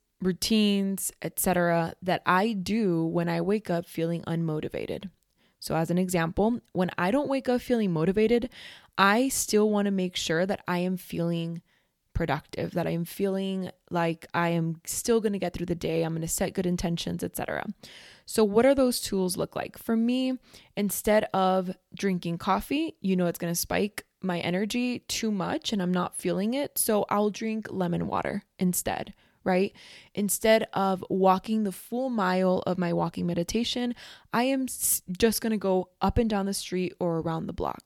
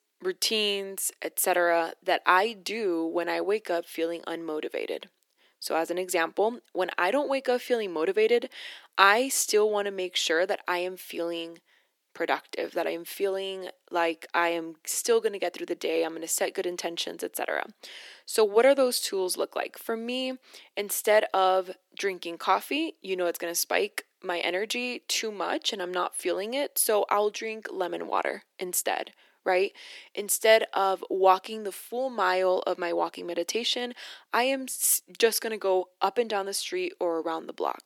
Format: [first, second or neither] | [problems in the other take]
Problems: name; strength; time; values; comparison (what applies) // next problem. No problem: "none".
first | thin; very; fading below 300 Hz